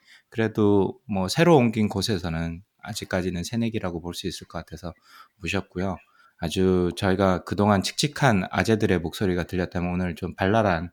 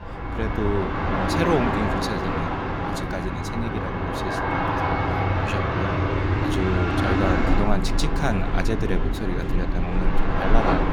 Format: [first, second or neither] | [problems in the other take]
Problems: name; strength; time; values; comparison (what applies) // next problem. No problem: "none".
first | train or aircraft noise; very loud; throughout; 4 dB above the speech